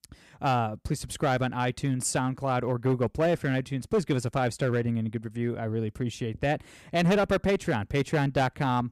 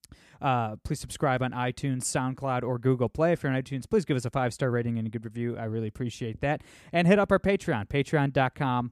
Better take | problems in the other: second | distortion; slight; 6% of the sound clipped

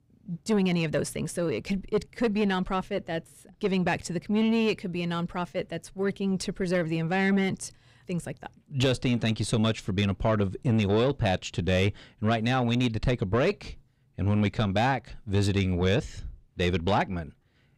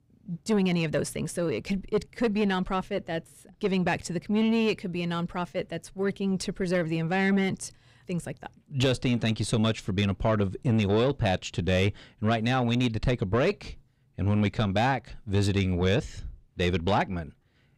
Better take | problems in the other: neither | distortion; slight; 10 dB below the speech; the same in both

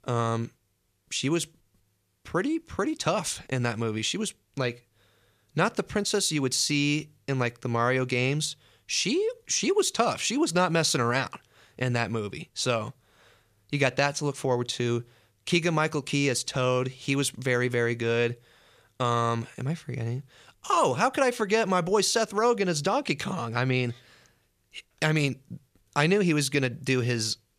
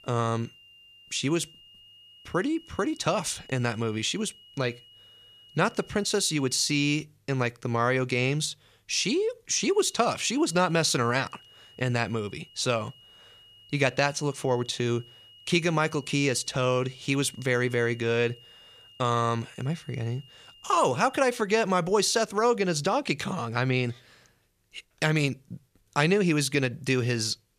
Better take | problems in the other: first | high-pitched whine; faint; until 6.5 s and from 9.5 to 21 s; 3 kHz, 25 dB below the speech

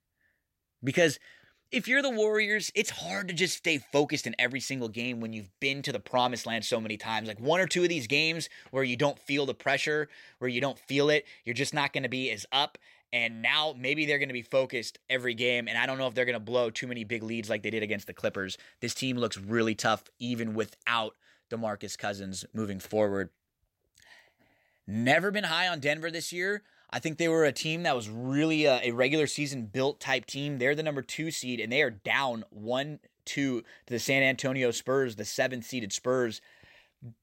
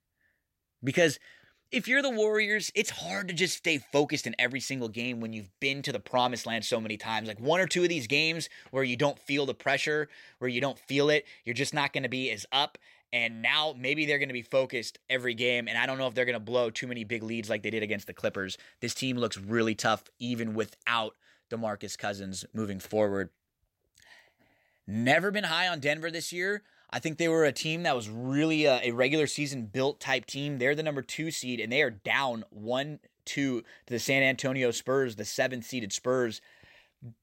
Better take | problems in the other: neither | none

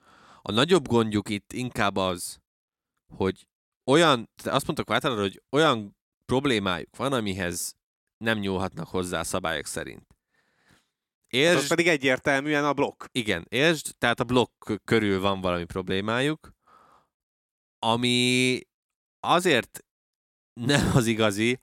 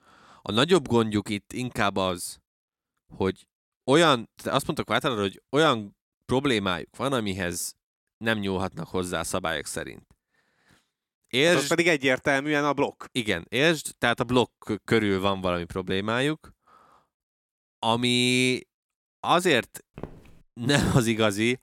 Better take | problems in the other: first | footsteps; faint; at 20 s; peak 20 dB below the speech

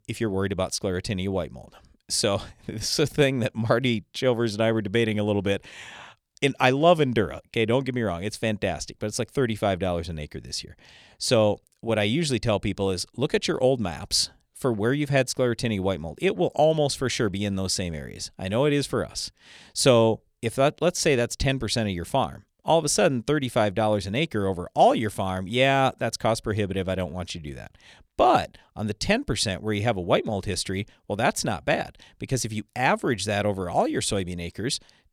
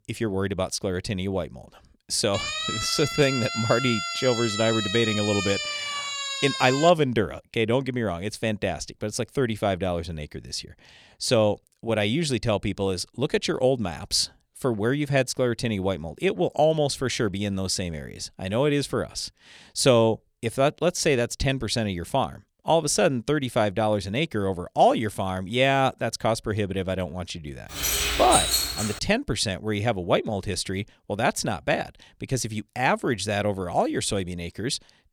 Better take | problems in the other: first | siren; noticeable; from 2.5 to 7 s; peak 2 dB below the speech // jangling keys; loud; from 28 to 29 s; peak 4 dB above the speech

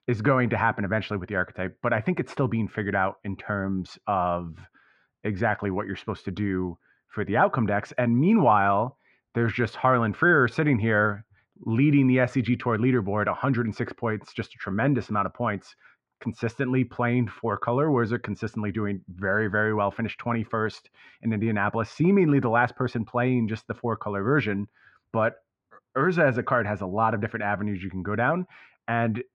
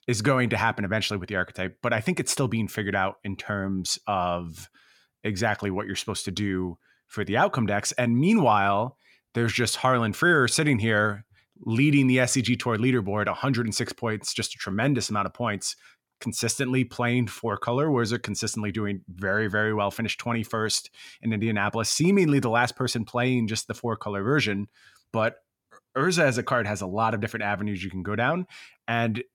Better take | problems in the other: second | muffled; very; fading above 1.5 kHz

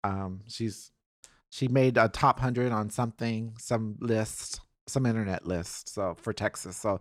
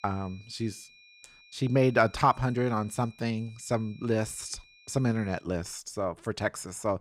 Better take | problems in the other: first | high-pitched whine; faint; until 5.5 s; 2.5 kHz, 25 dB below the speech

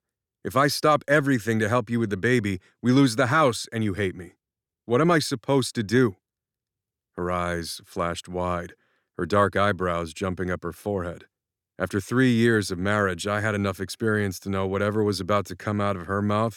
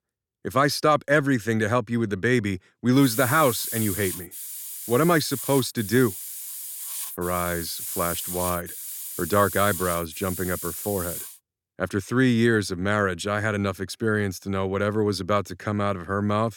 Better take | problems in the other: first | hiss; loud; from 3 to 11 s; 7 dB below the speech

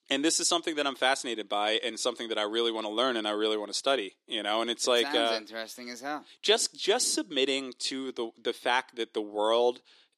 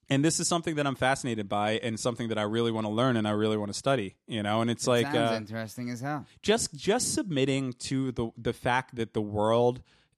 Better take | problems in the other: second | thin; somewhat; fading below 350 Hz

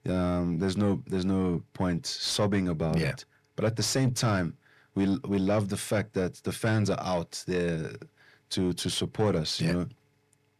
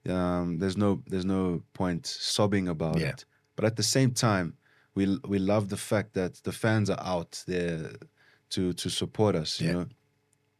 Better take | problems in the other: second | distortion; slight; 10 dB below the speech

